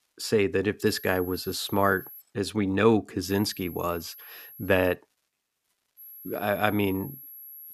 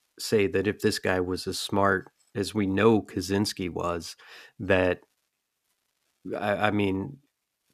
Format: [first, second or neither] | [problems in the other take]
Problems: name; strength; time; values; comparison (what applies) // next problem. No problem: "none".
second | high-pitched whine; noticeable; from 1 to 2 s, from 3.5 to 5 s and from 6 s on; 11.5 kHz, 15 dB below the speech